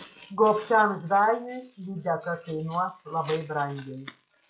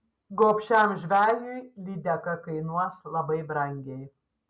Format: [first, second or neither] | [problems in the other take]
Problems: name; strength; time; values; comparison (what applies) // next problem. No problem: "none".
second | noise reduction (classical method log-MMSE)